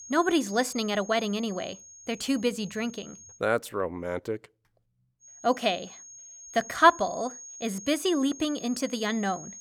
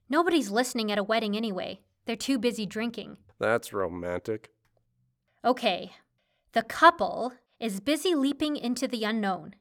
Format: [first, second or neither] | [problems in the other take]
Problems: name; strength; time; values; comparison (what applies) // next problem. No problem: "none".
second | high-pitched whine; noticeable; until 3.5 s and from 5 s on; 6.5 kHz, 15 dB below the speech